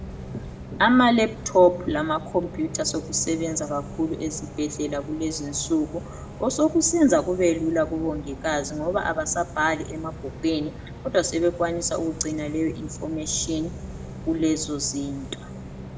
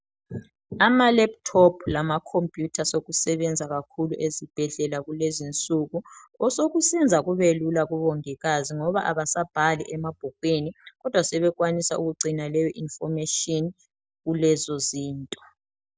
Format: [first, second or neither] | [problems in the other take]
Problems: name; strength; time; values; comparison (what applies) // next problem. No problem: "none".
second | background sound (Bus); 12 dB below the speech // room echo; dies away in 1.2 s